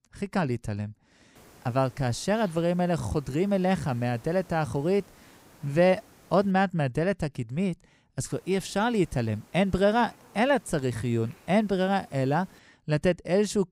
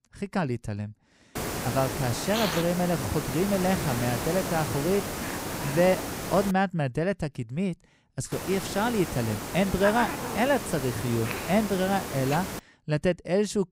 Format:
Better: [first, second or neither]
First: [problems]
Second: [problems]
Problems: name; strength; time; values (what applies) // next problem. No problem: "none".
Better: first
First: hiss; faint; from 1.5 to 6.5 s and from 8.5 to 13 s; 25 dB below the speech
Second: hiss; loud; from 1.5 to 6.5 s and from 8.5 to 13 s; 5 dB below the speech